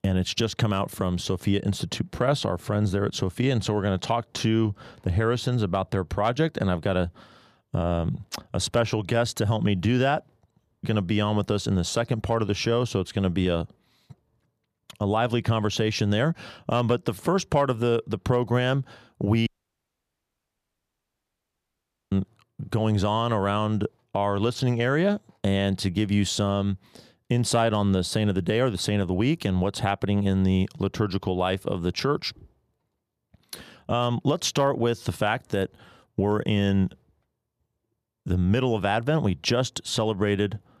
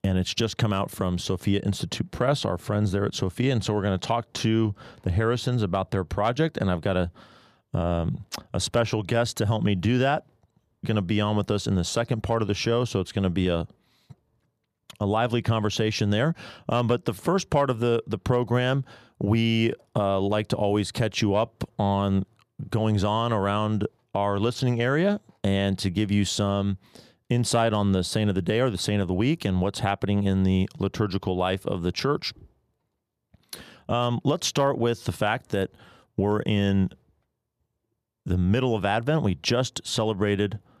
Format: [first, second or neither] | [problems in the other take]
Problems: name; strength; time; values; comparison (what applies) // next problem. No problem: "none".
second | audio cutting out; at 19 s for 2.5 s